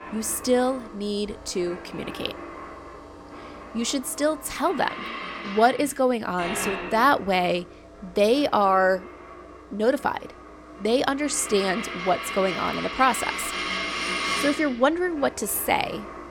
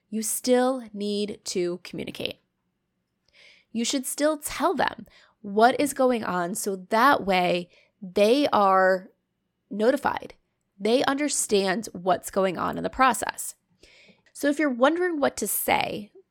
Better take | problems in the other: second | household noises; loud; throughout; 9 dB below the speech

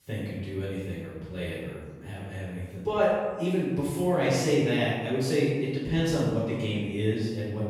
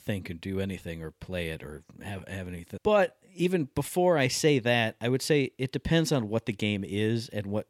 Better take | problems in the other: second | off-mic speech; far // room echo; strong; dies away in 1.2 s

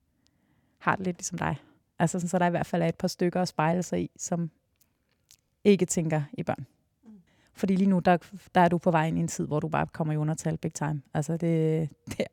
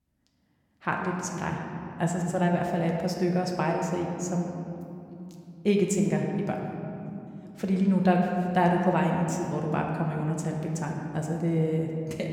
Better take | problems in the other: first | room echo; noticeable; dies away in 2.5 s

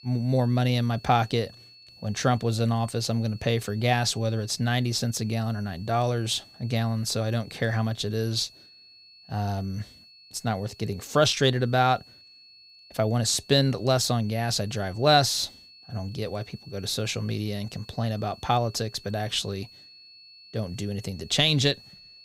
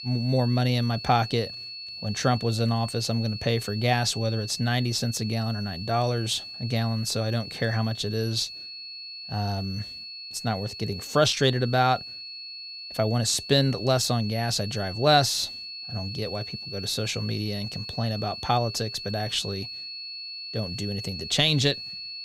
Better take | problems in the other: first | high-pitched whine; loud; throughout; 4.5 kHz, 9 dB below the speech; faint in the first

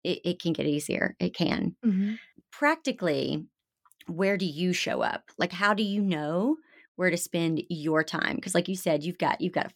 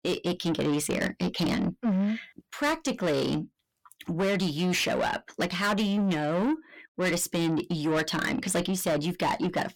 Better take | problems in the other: first | distortion; heavy; 7 dB below the speech

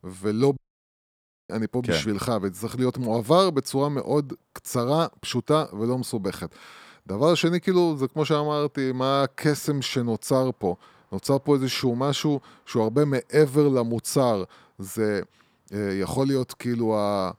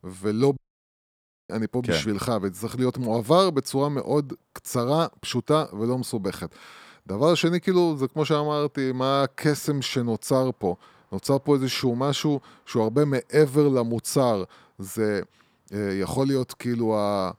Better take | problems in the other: neither | audio cutting out; at 0.5 s for 1 s; the same in both

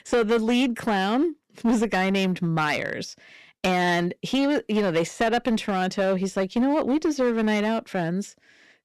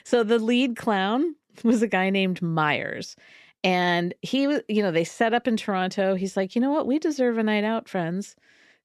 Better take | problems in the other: second | distortion; slight; 9% of the sound clipped

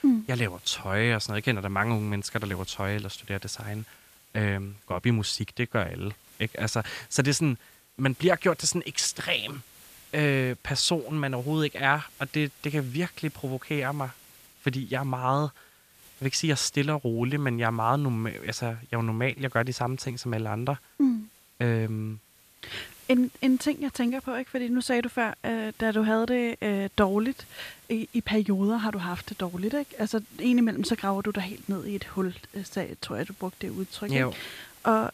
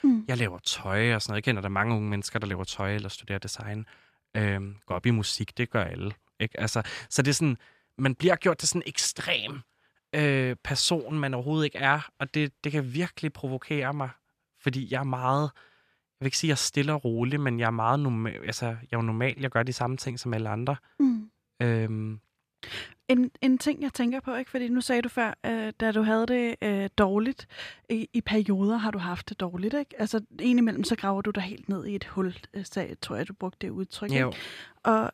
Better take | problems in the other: second | hiss; faint; throughout; 25 dB below the speech

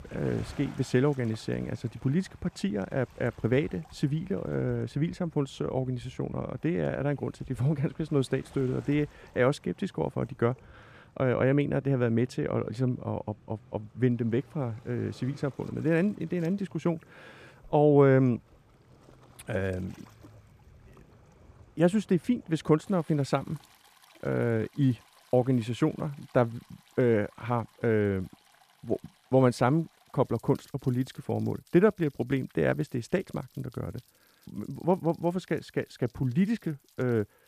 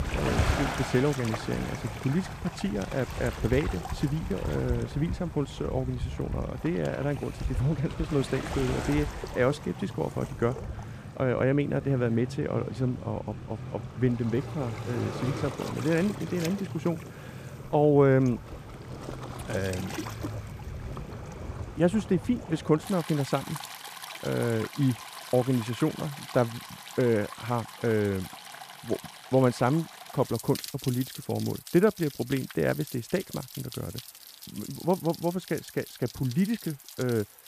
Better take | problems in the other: first | rain or running water; loud; throughout; 9 dB below the speech; faint in the first

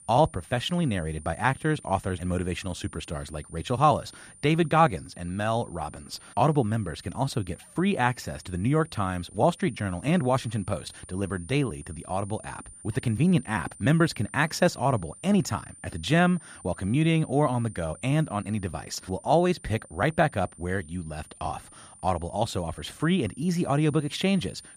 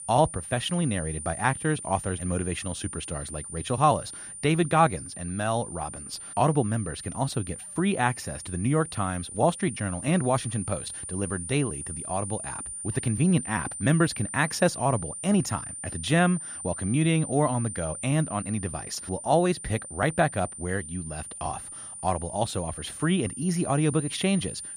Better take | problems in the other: first | high-pitched whine; loud; throughout; 9 kHz, 8 dB below the speech; faint in the first

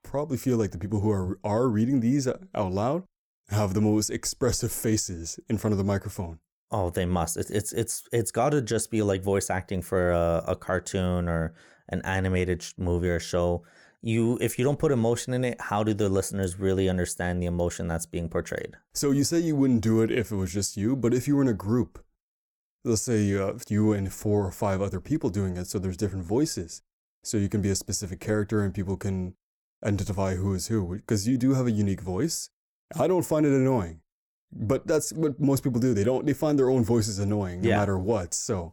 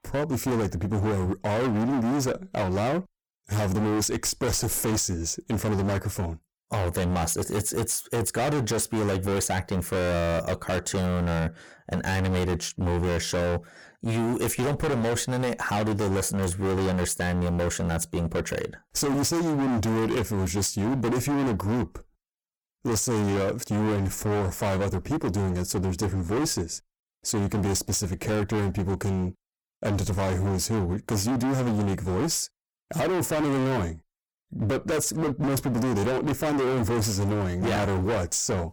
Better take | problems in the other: first | distortion; heavy; 34% of the sound clipped

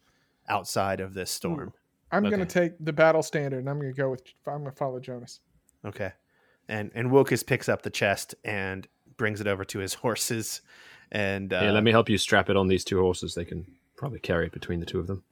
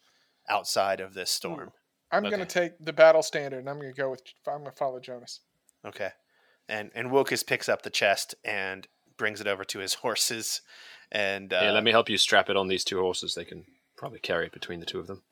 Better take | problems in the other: first | thin; somewhat; fading below 1 kHz

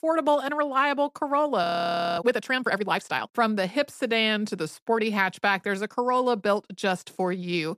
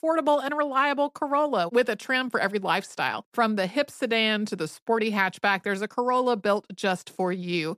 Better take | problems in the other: second | audio freezing; at 1.5 s for 0.5 s

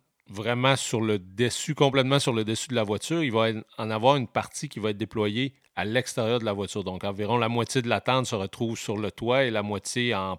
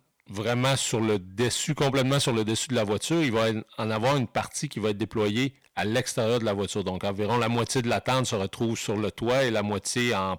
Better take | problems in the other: first | distortion; heavy; 9% of the sound clipped

